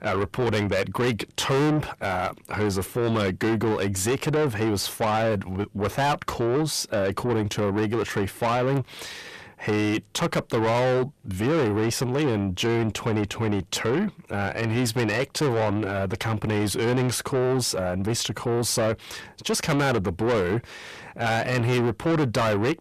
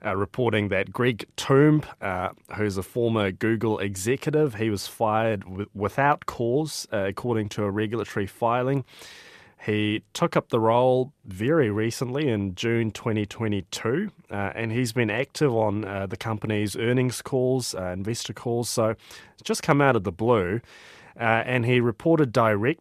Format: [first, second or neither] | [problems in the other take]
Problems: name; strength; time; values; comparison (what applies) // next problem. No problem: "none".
second | distortion; heavy; 6 dB below the speech